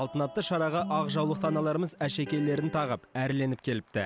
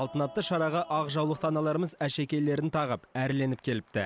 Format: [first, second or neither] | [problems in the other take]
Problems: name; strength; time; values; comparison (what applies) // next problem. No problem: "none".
second | background sound (Electric guitar); 10 dB below the speech